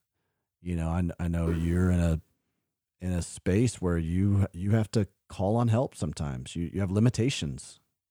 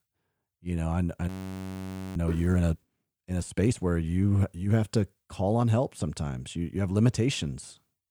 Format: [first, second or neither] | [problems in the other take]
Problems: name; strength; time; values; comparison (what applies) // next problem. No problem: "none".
first | audio freezing; at 1.5 s for 1 s